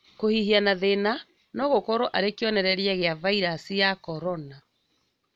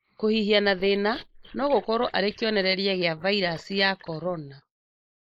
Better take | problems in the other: first | noise reduction (neural mask model Resemble Enhance denoiser)

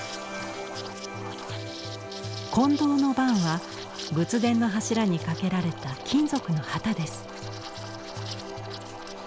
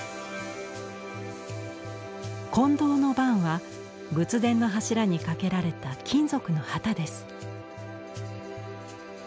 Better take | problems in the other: second | background sound (Liquid); 14 dB below the speech

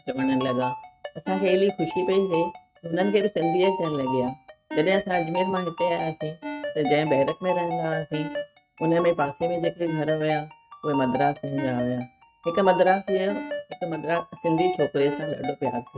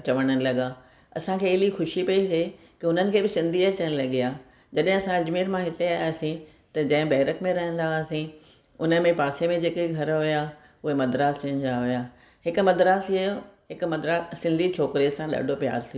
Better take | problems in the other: second | noise reduction (neural mask model RNNoise)

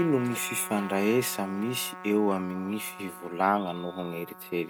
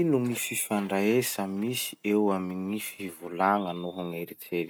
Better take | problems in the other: second | background sound (Trumpet); 14 dB below the speech

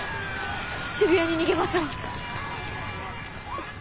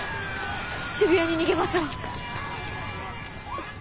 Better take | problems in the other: second | background sound (Applause / Crowd); 18 dB below the speech

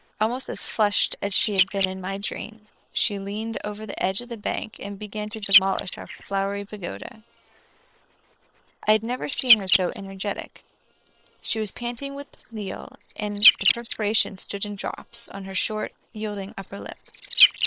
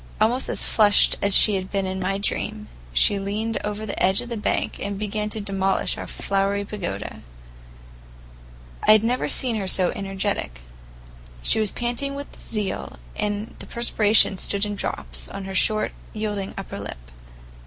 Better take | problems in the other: second | noise reduction (neural separator model SepFormer WHAM!)

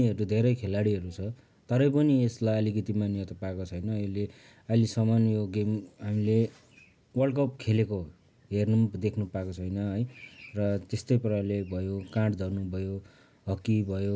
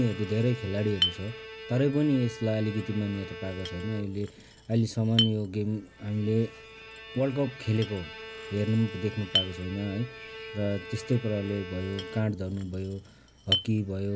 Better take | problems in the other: first | background sound (Bowed string instrument + Chink, clink); 8 dB below the speech

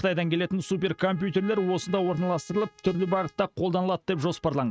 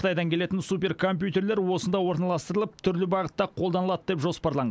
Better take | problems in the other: second | noise reduction (neural mask model RNNoise)

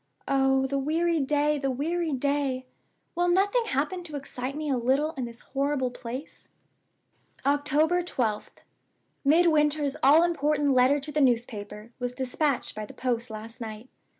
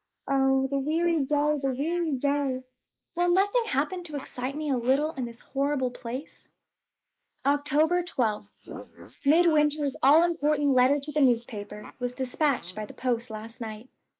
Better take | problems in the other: first | noise reduction (neural mask model Resemble Enhance denoiser)

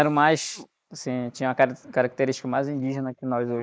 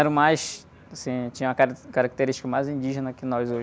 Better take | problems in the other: second | noise reduction (neural mask model Resemble Enhance denoiser)

